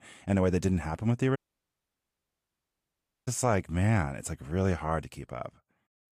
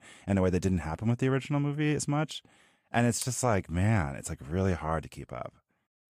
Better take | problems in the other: second | audio cutting out; at 1.5 s for 2 s

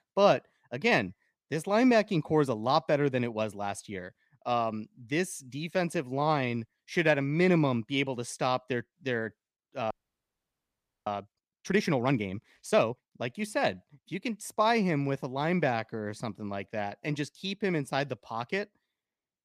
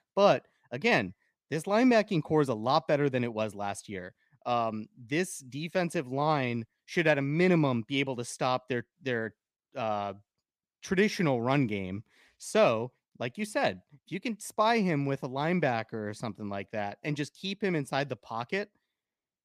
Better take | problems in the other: second | audio freezing; at 10 s for 1 s

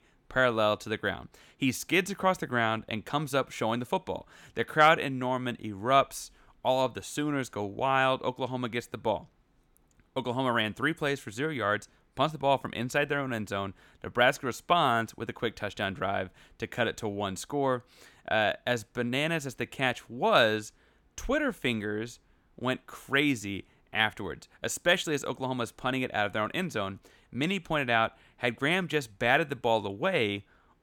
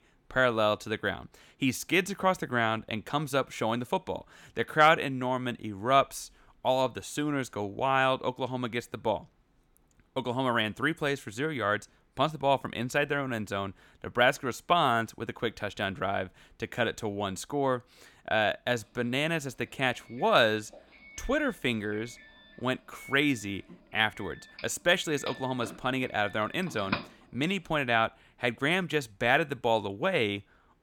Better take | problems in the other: first | doorbell; noticeable; from 25 to 27 s; peak 5 dB below the speech

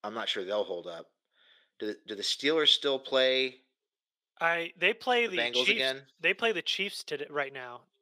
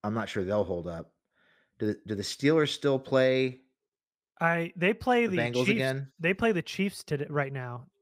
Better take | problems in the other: second | thin; somewhat; fading below 400 Hz

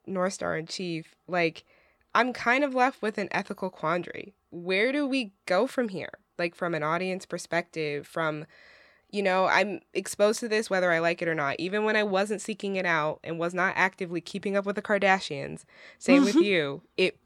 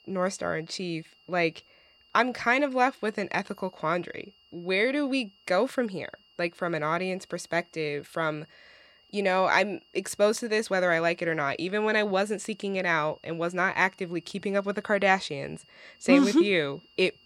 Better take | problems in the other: first | high-pitched whine; faint; throughout; 3 kHz, 30 dB below the speech

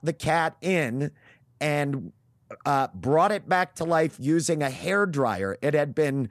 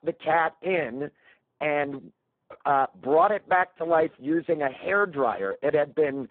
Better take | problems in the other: first | phone-call audio; poor line

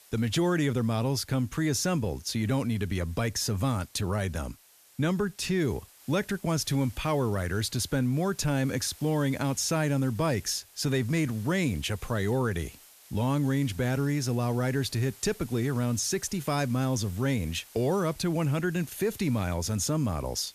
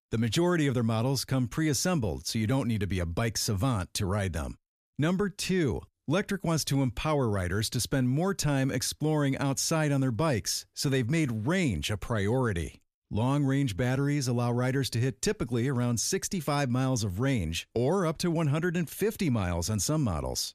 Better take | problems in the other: second | hiss; faint; throughout; 20 dB below the speech

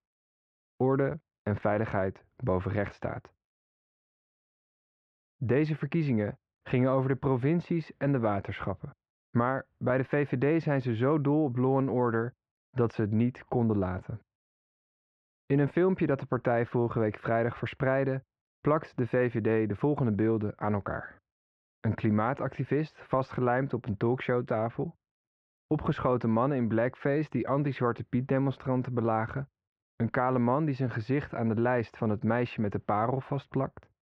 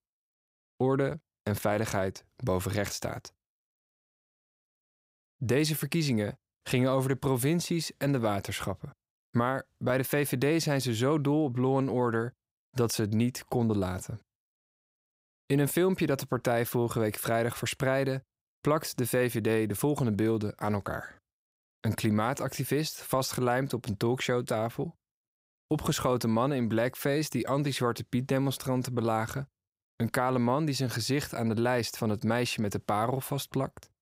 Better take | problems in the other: second | muffled; very; fading above 2 kHz

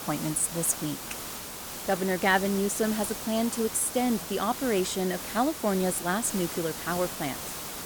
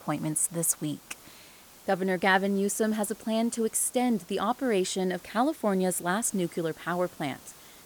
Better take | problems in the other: second | hiss; loud; throughout; 7 dB below the speech; faint in the second

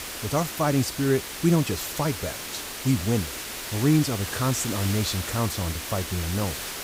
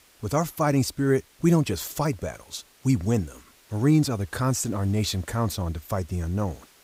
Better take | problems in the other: second | hiss; loud; throughout; 6 dB below the speech; faint in the second

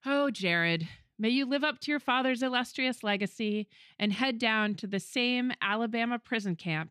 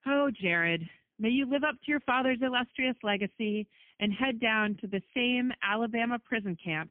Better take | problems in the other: first | phone-call audio; poor line; nothing above 3 kHz

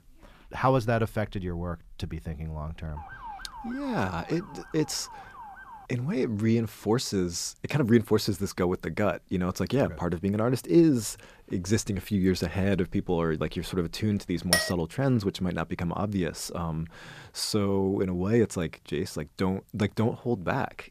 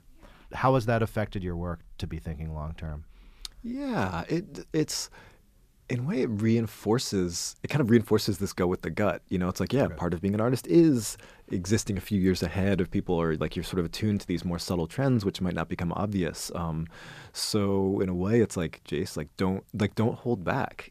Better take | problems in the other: second | siren; faint; from 3 to 6 s; peak 15 dB below the speech // clattering dishes; loud; at 15 s; peak 3 dB above the speech

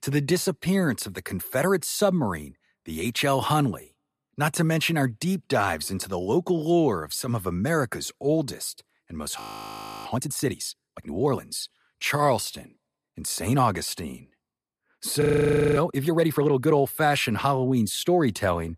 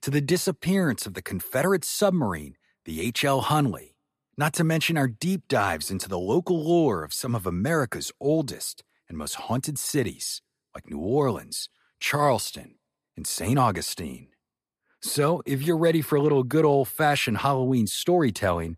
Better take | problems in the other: second | audio freezing; at 9.5 s for 0.5 s and at 15 s for 0.5 s

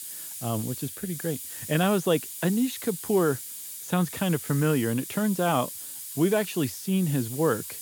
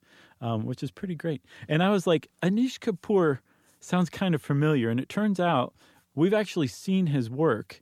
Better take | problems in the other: second | hiss; loud; throughout; 8 dB below the speech

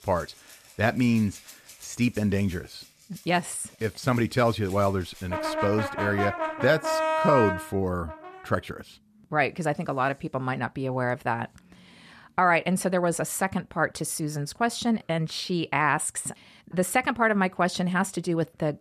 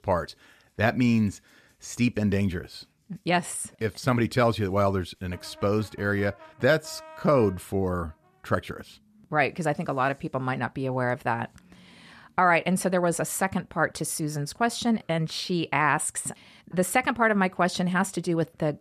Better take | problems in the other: second | background music; loud; until 8 s; 2 dB below the speech; faint in the second

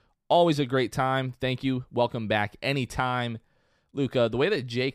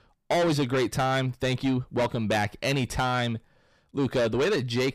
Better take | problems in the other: first | distortion; heavy; 7 dB below the speech

